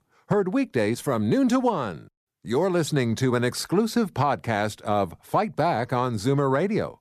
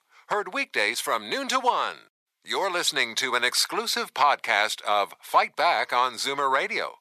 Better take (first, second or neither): first